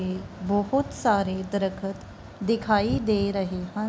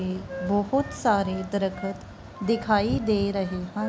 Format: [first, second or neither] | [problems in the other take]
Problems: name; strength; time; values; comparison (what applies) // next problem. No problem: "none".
first | background sound (Wind instrument, woodwind instrument); 16 dB below the speech